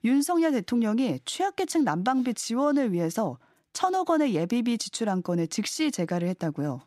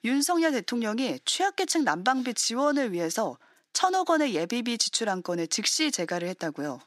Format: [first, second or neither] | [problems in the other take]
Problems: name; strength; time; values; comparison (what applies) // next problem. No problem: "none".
first | thin; very slightly; fading below 300 Hz